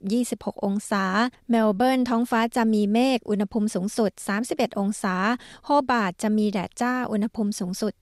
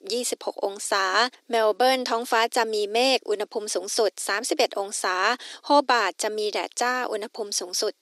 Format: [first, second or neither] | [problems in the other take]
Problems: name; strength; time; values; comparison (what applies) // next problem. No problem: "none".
first | thin; very; fading below 300 Hz